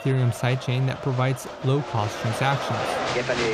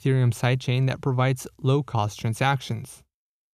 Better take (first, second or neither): second